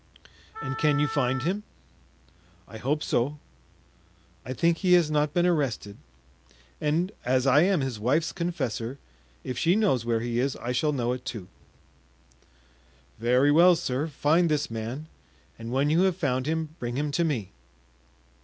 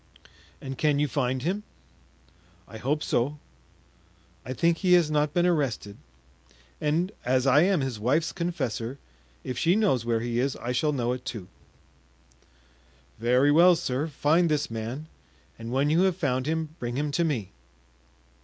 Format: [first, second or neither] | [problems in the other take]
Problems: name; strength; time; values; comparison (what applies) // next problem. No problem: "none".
second | background sound (Wind instrument, woodwind instrument); 10 dB below the speech